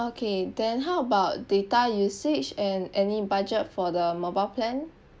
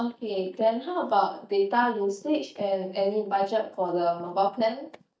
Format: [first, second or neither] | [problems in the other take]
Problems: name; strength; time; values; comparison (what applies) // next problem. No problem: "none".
first | noise reduction (neural mask model DeepFilterNet 3)